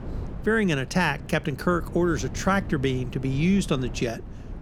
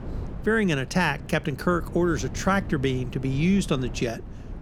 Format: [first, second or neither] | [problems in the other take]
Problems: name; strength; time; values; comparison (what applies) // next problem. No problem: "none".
neither | wind noise on the microphone; occasional gusts; 20 dB below the speech; the same in both